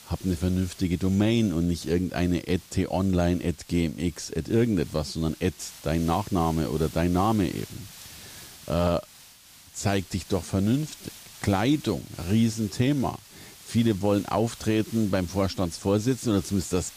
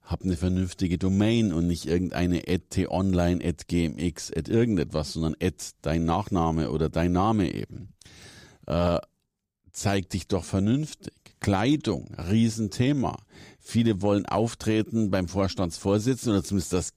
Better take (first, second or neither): second